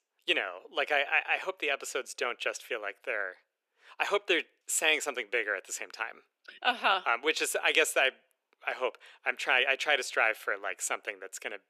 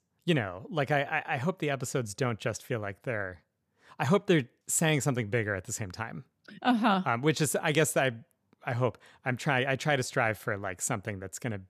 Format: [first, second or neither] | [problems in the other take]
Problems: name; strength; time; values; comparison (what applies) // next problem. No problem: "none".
second | thin; very; fading below 350 Hz